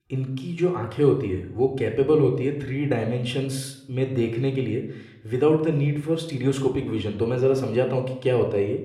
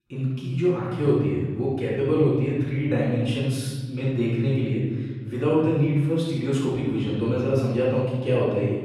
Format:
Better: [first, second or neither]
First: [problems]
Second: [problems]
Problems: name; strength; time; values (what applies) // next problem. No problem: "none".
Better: first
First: room echo; slight; dies away in 0.6 s // off-mic speech; somewhat distant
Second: room echo; strong; dies away in 1.6 s // off-mic speech; far